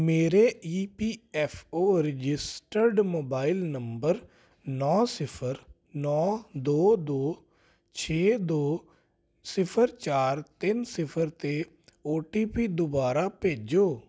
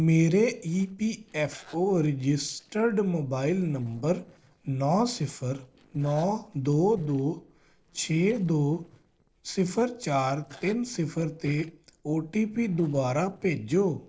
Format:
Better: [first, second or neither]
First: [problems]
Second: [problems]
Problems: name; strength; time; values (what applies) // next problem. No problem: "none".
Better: first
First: none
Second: noise reduction (neural separator model SepFormer DNS4)